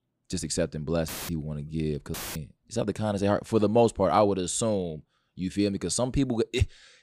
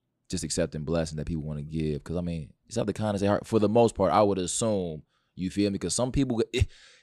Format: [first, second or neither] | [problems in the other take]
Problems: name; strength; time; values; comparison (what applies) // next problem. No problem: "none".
second | audio cutting out; filled with static; at 1 s and at 2 s